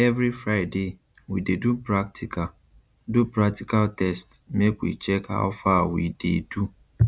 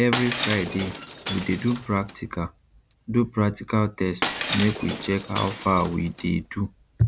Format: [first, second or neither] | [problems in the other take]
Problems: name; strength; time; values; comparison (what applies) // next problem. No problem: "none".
first | background sound (Shatter); 8 dB below the speech